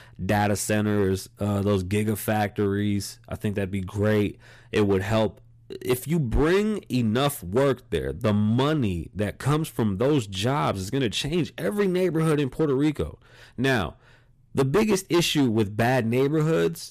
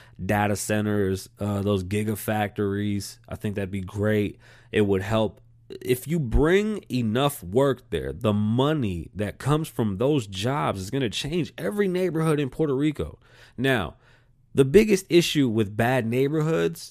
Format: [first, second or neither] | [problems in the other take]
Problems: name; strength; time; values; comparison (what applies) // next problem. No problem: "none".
second | distortion; slight; 7% of the sound clipped